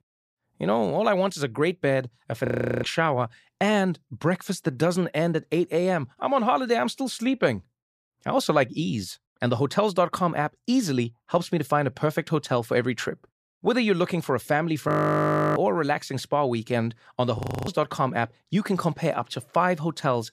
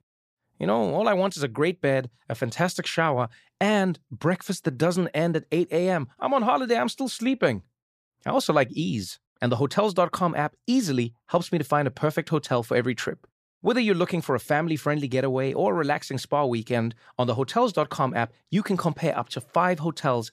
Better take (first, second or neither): second